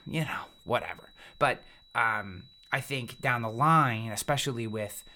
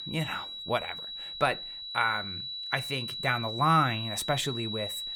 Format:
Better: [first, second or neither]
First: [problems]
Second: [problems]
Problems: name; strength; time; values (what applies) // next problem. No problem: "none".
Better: first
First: high-pitched whine; faint; throughout; 4 kHz, 25 dB below the speech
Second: high-pitched whine; loud; throughout; 4 kHz, 5 dB below the speech